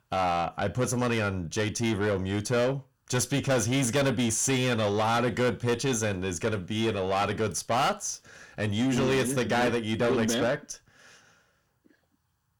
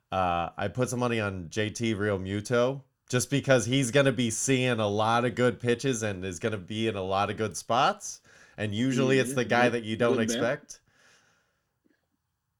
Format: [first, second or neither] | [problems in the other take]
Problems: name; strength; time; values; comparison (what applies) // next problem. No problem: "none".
second | distortion; heavy; 7 dB below the speech